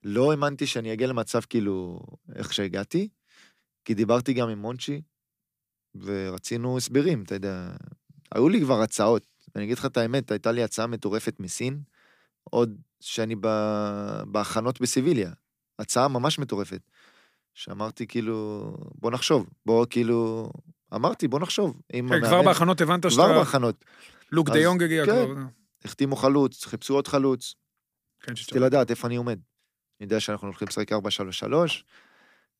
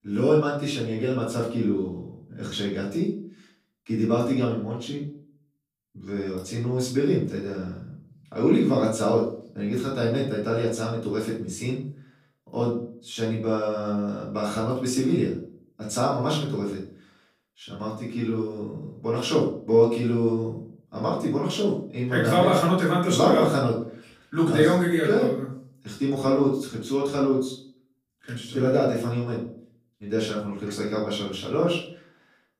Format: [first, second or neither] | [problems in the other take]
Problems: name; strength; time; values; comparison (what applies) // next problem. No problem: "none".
first | room echo; noticeable; dies away in 0.4 s // off-mic speech; far